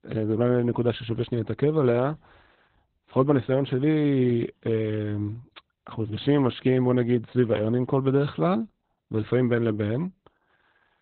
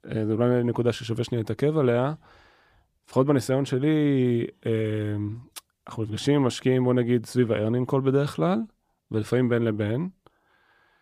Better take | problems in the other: second | garbled, watery; badly; nothing above 4 kHz

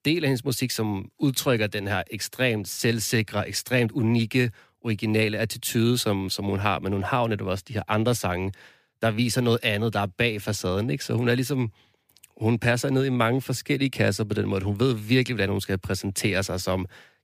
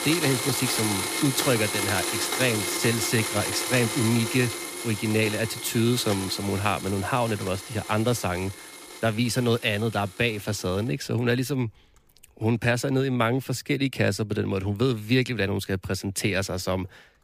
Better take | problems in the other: first | household noises; loud; throughout; 3 dB below the speech

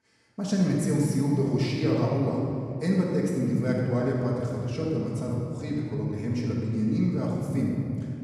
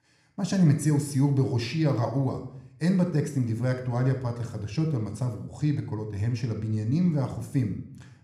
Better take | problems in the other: second | room echo; strong; dies away in 2.5 s; slight in the second // off-mic speech; far

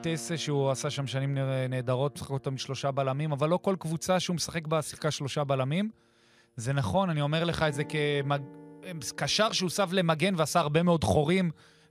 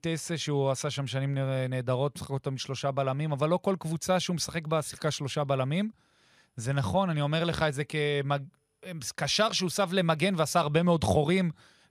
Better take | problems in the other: second | background music; faint; throughout; 25 dB below the speech

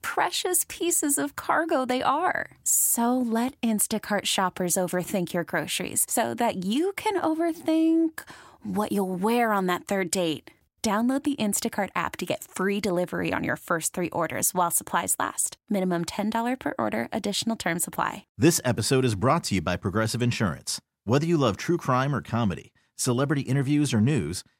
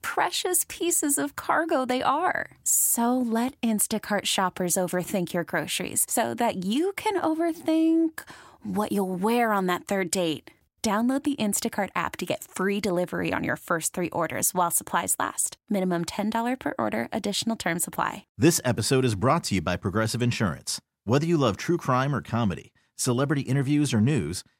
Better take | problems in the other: neither | none

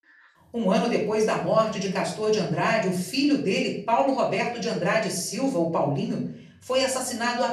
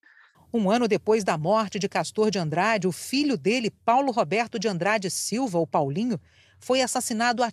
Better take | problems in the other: second | off-mic speech; far // room echo; slight; dies away in 0.5 s

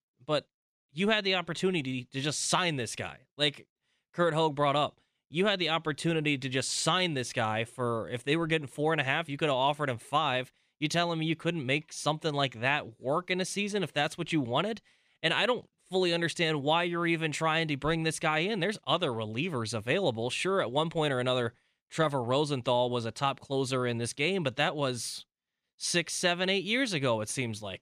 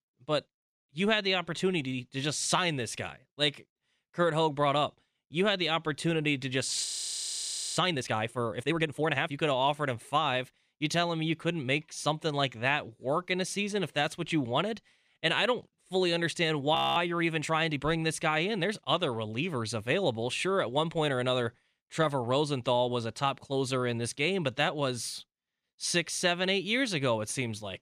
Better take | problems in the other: first | audio freezing; at 7 s for 1 s and at 17 s

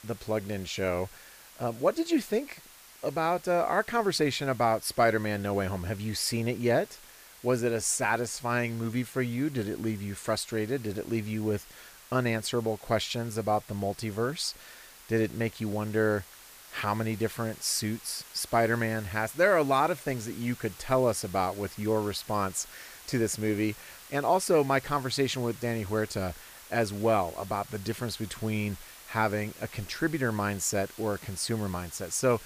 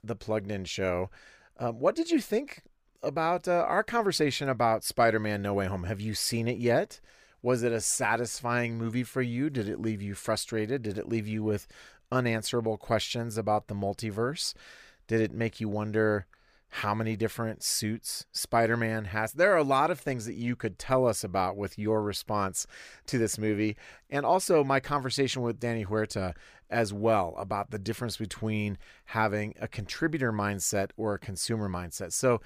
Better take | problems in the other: second | hiss; noticeable; throughout; 20 dB below the speech

